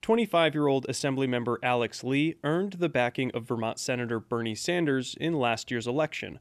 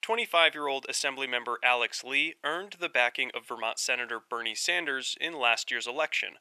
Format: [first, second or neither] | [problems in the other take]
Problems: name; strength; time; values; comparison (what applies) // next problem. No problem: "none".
first | thin; very; fading below 850 Hz